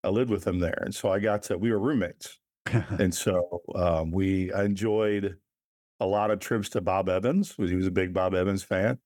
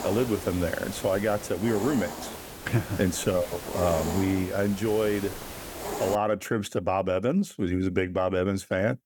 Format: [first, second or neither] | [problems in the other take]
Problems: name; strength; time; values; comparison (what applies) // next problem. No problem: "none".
first | hiss; loud; until 6 s; 9 dB below the speech